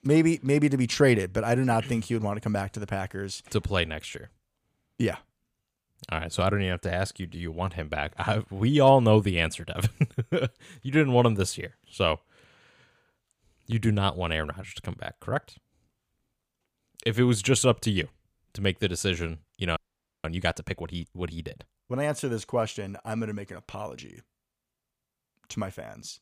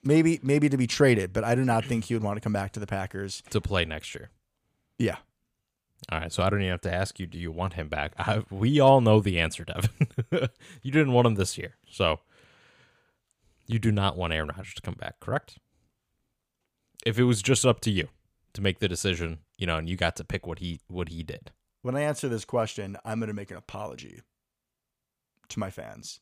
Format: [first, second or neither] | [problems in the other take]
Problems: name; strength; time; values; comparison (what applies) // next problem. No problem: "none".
second | audio freezing; at 20 s